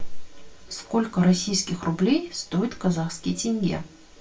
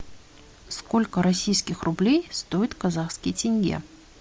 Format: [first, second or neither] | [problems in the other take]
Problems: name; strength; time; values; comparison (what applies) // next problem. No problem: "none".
second | room echo; dies away in 0.2 s